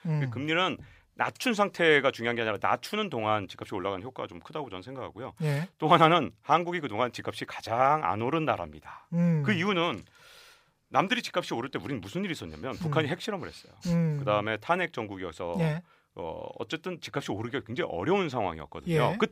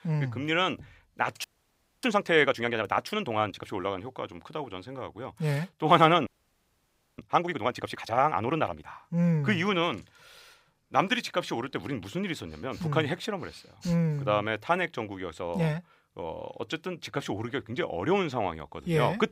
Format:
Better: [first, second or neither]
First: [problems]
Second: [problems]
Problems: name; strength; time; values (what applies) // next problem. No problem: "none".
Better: first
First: none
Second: audio freezing; at 1.5 s for 0.5 s and at 6.5 s for 1 s